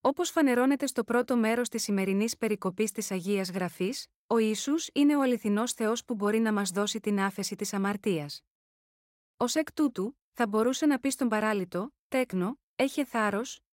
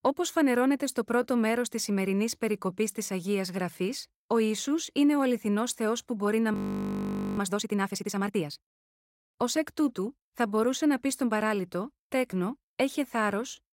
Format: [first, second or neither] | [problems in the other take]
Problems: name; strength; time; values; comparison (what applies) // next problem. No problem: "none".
first | audio freezing; at 6.5 s for 1 s